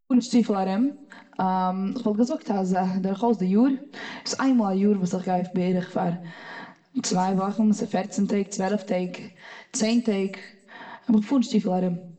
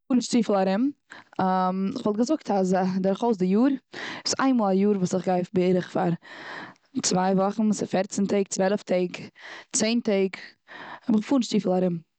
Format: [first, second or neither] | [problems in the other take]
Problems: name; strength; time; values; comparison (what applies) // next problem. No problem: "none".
second | room echo; dies away in 0.7 s